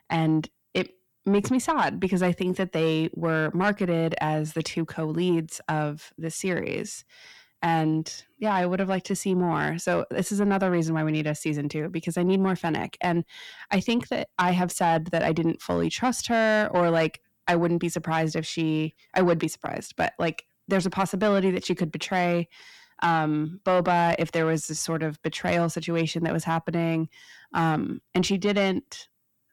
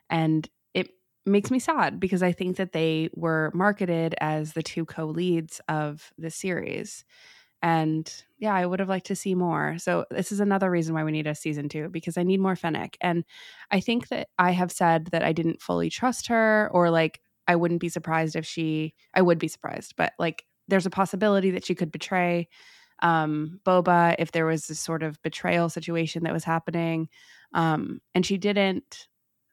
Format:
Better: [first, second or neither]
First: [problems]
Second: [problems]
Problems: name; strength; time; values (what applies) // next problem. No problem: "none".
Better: second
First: distortion; slight; 10 dB below the speech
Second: none